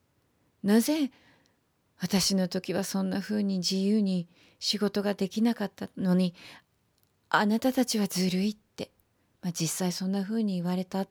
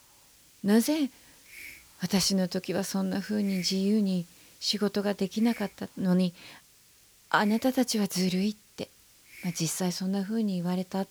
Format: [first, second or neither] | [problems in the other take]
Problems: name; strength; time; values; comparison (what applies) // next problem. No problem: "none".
first | hiss; faint; throughout; 20 dB below the speech